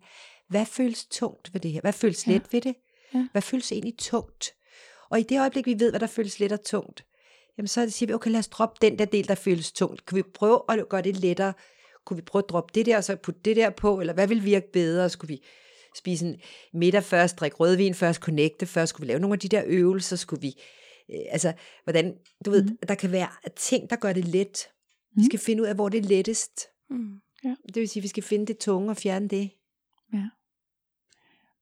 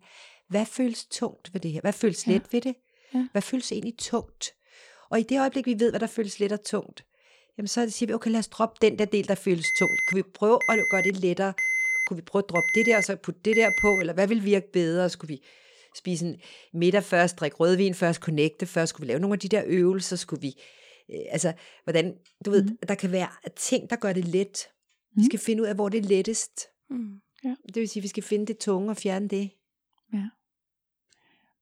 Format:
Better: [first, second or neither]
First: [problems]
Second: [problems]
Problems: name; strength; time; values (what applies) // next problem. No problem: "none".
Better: first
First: none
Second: alarm; loud; from 9.5 to 14 s; peak 4 dB above the speech